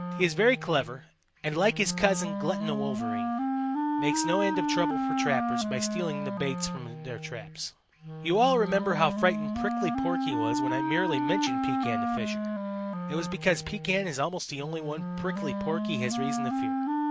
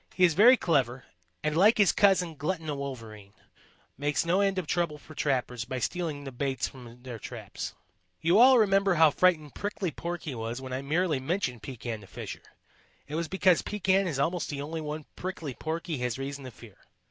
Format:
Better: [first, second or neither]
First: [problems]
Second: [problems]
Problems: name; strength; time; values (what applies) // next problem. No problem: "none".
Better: second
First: background sound (Wind instrument, woodwind instrument); 1 dB below the speech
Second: none